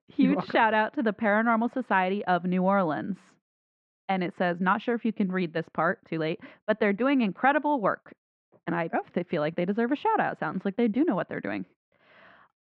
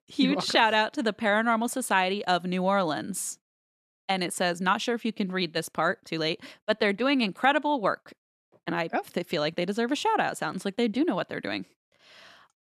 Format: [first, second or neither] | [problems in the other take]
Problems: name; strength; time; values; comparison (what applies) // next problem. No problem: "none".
second | muffled; very; fading above 2 kHz